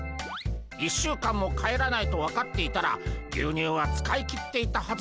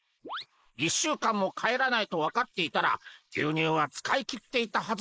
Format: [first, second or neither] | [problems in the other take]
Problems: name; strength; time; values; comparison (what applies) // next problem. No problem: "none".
first | noise reduction (neural mask model Resemble Enhance denoiser)